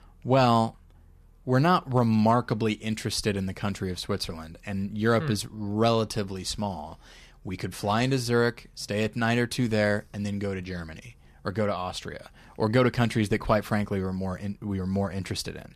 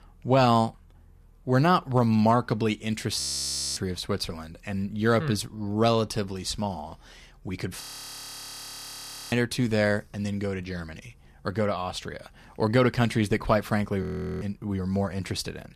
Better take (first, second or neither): first